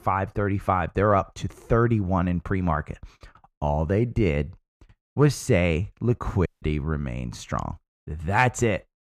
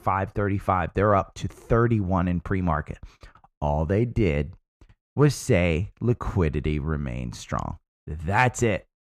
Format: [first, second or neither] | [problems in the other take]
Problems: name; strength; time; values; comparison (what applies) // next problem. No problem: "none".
second | audio cutting out; at 6.5 s